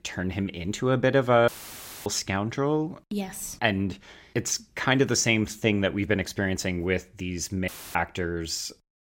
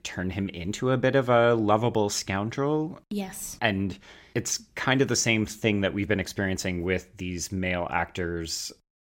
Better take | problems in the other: second | audio cutting out; filled with static; at 1.5 s for 0.5 s and at 7.5 s

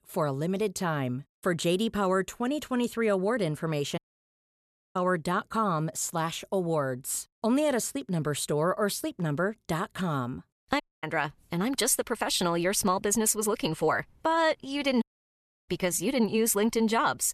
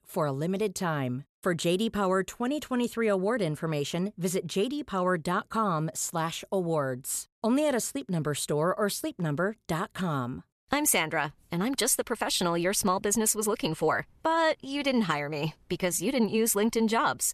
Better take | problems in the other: second | audio cutting out; at 4 s for 1 s, at 11 s and at 15 s for 0.5 s

